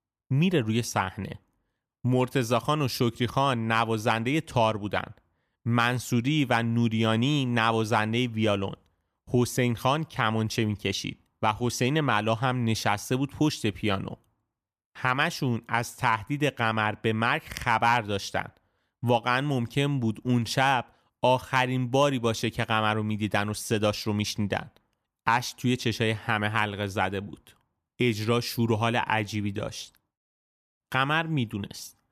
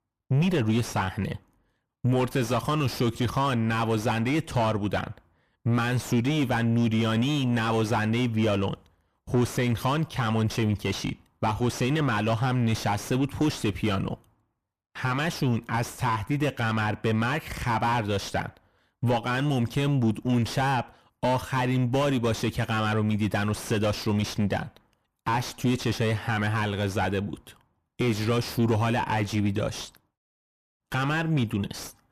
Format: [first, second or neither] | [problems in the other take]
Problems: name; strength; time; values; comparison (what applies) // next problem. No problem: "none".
first | distortion; heavy; 5 dB below the speech